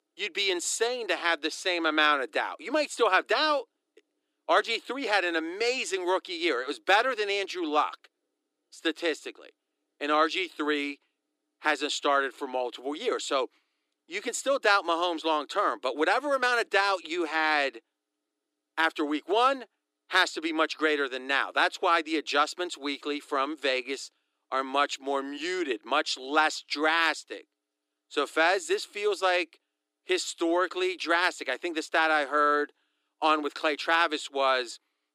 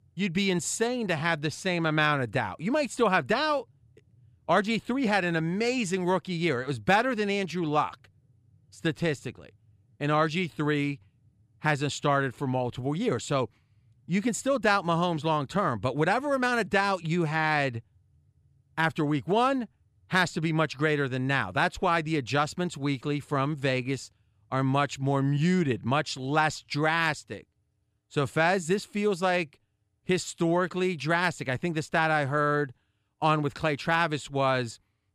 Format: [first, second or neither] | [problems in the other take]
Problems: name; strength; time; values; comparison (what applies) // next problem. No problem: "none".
second | thin; somewhat; fading below 300 Hz